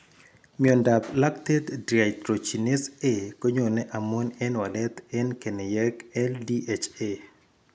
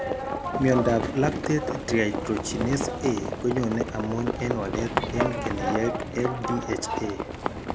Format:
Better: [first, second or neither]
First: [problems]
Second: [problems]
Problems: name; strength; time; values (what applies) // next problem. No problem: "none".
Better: first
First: none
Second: background sound (Livestock, farm animals, working animals); 2 dB below the speech